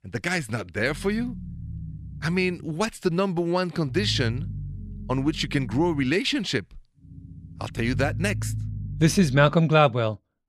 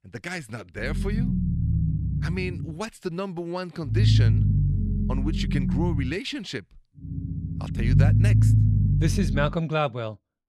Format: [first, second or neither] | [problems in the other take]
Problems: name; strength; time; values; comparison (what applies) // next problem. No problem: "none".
first | low rumble; loud; from 1 to 2.5 s, from 4 to 6 s and from 7 to 9.5 s; 4 dB below the speech; faint in the first